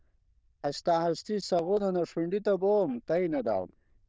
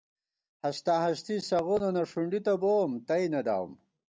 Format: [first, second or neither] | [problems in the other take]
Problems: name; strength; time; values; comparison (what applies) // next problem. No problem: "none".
second | noise reduction (neural diffusion model UNIVERSE++)